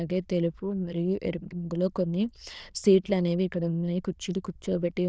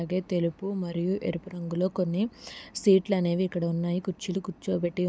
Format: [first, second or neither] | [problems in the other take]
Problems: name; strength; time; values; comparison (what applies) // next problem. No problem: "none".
second | noise reduction (neural diffusion model UNIVERSE++)